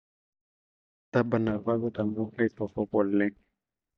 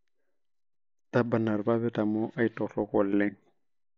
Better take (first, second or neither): second